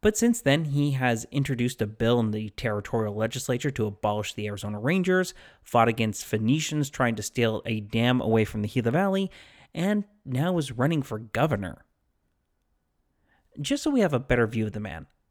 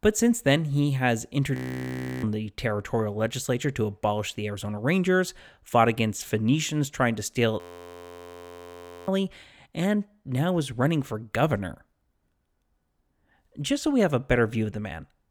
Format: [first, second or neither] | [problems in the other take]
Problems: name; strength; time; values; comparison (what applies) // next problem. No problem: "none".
first | audio freezing; at 1.5 s for 0.5 s and at 7.5 s for 1.5 s